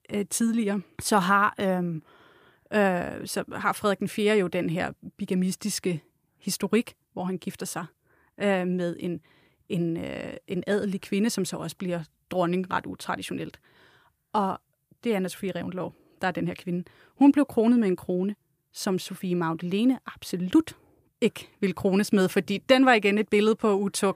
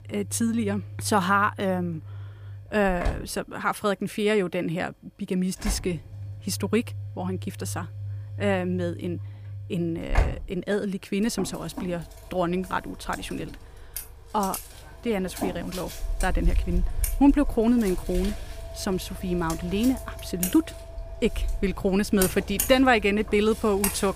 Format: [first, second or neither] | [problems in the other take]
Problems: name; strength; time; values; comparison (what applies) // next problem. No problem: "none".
first | household noises; loud; throughout; 8 dB below the speech